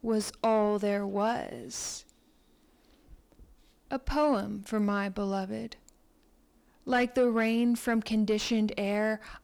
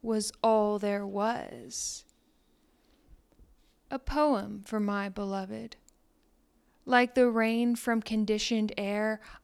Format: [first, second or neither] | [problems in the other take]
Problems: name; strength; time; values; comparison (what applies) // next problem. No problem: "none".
second | distortion; slight; 10 dB below the speech